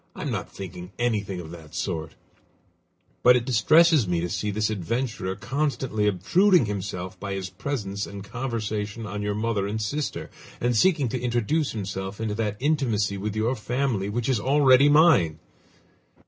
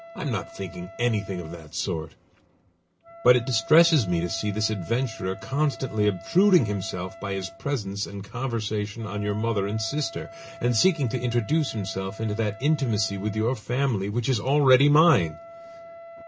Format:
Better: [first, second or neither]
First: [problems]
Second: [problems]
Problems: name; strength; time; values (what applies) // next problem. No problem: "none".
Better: first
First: none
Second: background sound (Wind instrument, woodwind instrument); 19 dB below the speech